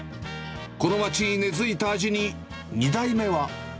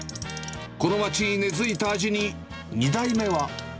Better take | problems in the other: first | background sound (Clock); 17 dB below the speech

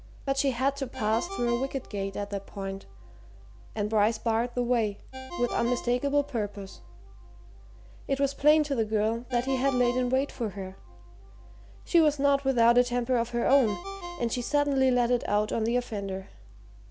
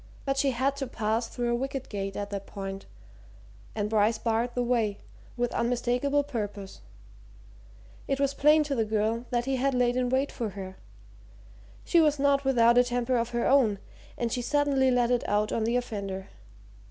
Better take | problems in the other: second | background sound (Ringtone); 17 dB below the speech

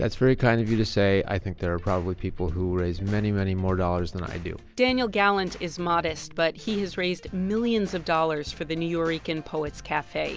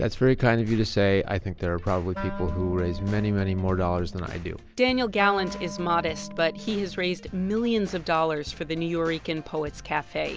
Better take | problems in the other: first | background sound (Wind instrument, woodwind instrument); 13 dB below the speech

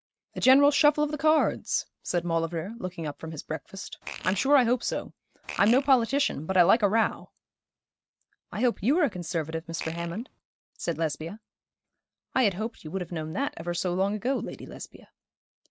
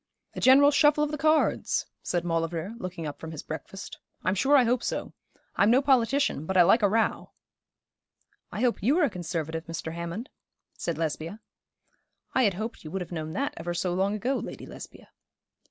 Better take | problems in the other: second | noise reduction (neural mask model RNNoise)

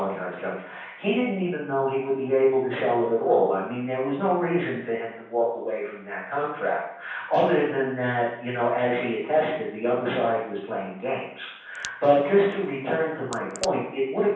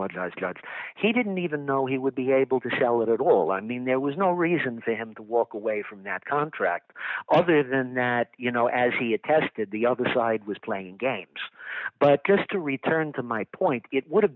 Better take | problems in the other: second | background sound (Crack); 17 dB below the speech // room echo; dies away in 0.7 s

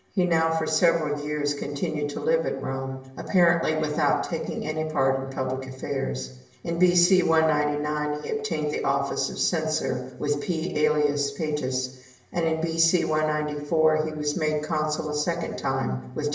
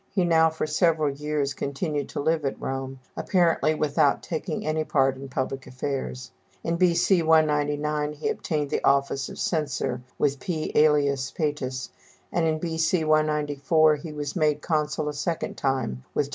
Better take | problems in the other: second | room echo; dies away in 0.8 s

